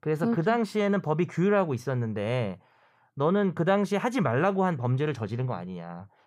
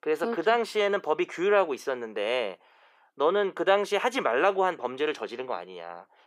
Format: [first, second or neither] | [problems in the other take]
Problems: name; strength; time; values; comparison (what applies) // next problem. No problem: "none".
first | thin; very; fading below 350 Hz